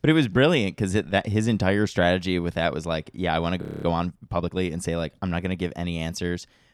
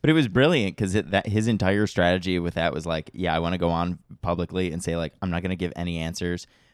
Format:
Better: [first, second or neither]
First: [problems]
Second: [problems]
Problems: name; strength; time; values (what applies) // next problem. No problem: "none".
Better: second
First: audio freezing; at 3.5 s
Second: none